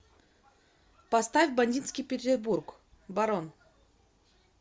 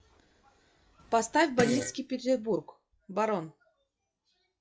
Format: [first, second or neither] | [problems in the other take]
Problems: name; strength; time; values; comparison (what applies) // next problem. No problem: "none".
first | noise reduction (classical method log-MMSE)